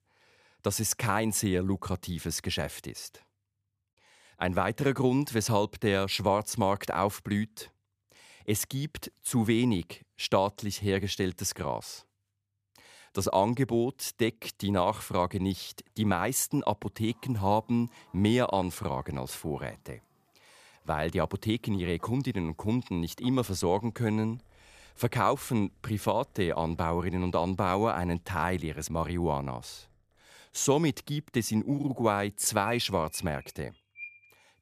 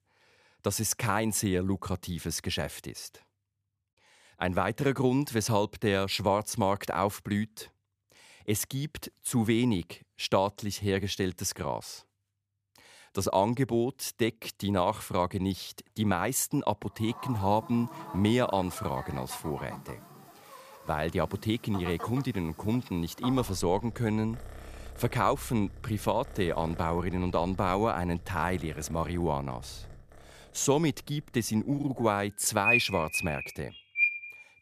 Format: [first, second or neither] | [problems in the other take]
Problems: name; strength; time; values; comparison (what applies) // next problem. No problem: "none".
first | animal sounds; loud; from 17 s on; 5 dB below the speech; faint in the first